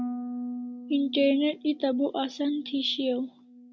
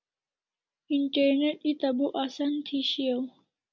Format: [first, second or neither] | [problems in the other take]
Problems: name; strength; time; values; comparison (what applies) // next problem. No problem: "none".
second | background sound (Harp); 11 dB below the speech